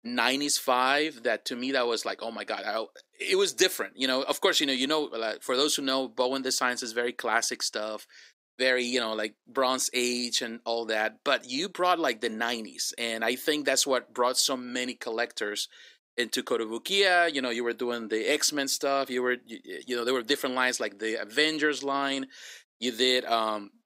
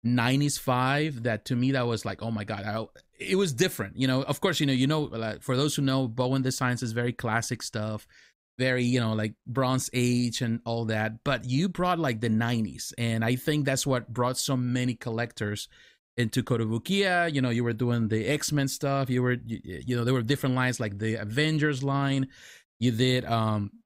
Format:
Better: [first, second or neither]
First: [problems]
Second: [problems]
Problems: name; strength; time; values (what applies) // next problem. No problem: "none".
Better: second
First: thin; somewhat; fading below 350 Hz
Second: none